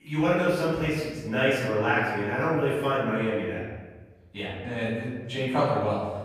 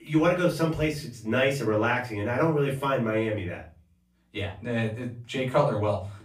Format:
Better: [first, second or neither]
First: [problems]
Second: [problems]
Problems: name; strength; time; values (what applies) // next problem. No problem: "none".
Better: second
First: room echo; strong; dies away in 1.2 s // off-mic speech; far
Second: room echo; slight; dies away in 0.3 s // off-mic speech; far